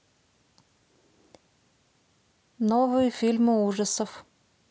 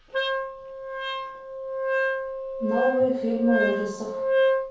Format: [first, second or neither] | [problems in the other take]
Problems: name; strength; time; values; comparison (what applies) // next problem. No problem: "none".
first | background sound (Wind instrument, woodwind instrument); 2 dB above the speech // room echo; dies away in 0.6 s